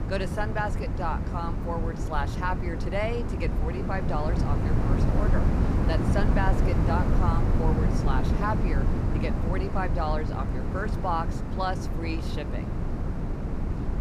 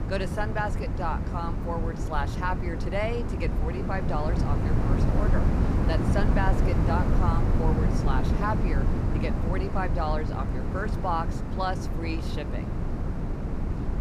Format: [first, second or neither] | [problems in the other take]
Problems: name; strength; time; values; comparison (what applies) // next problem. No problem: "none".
neither | wind noise on the microphone; heavy; 4 dB below the speech; the same in both